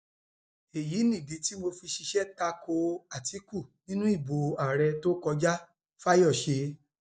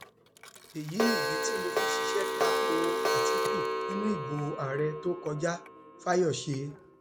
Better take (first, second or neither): first